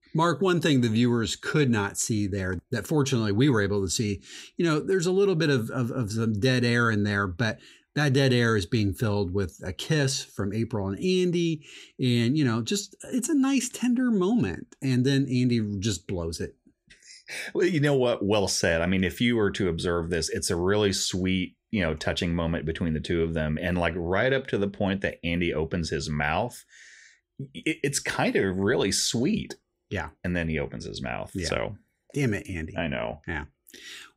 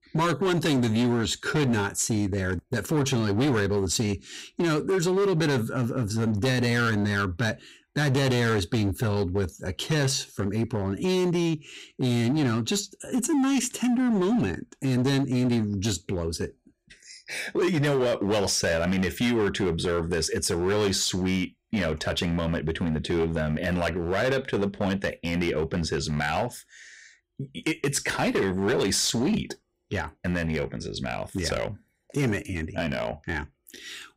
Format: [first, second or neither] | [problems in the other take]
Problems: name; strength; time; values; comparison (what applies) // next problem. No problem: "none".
first | distortion; slight; 13% of the sound clipped